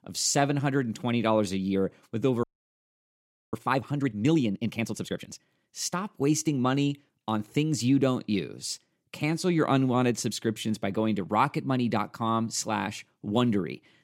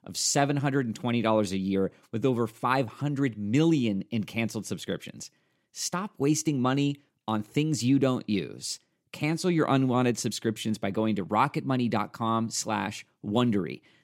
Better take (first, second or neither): second